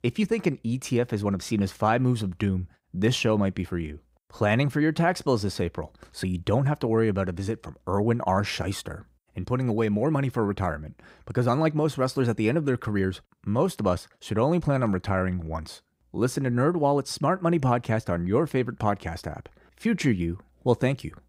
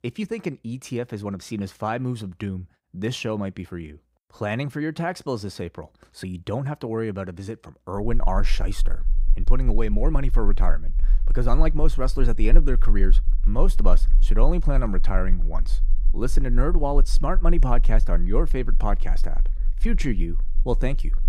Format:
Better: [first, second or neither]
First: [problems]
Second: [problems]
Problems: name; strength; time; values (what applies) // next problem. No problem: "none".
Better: first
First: none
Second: low rumble; faint; from 8 s on; 25 dB below the speech